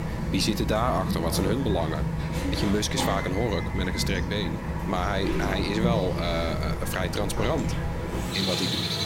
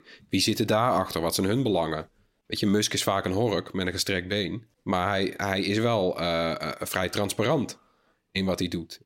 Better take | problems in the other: second | animal sounds; loud; throughout; 1 dB below the speech

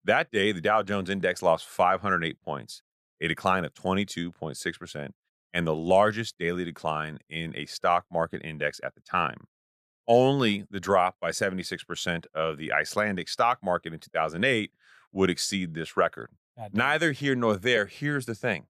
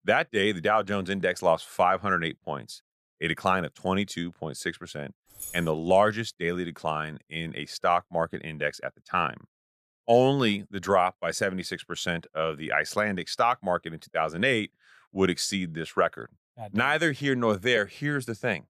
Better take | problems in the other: first | jangling keys; faint; at 5.5 s; peak 10 dB below the speech

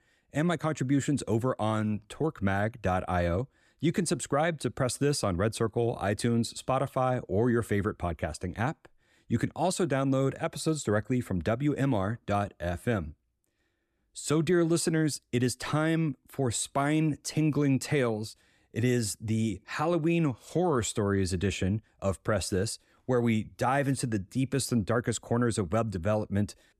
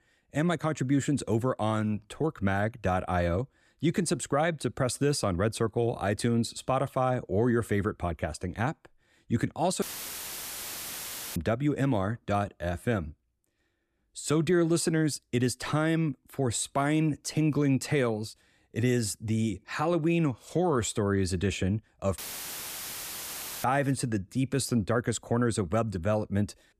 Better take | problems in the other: first | audio cutting out; filled with static; at 10 s for 1.5 s and at 22 s for 1.5 s

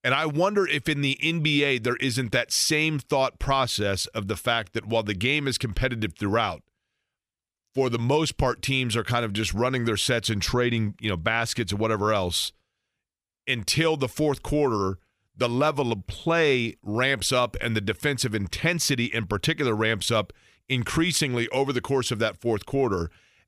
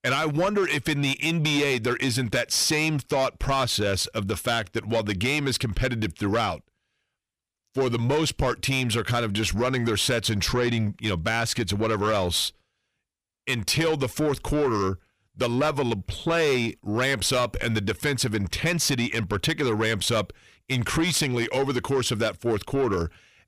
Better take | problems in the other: first | distortion; slight; 10 dB below the speech

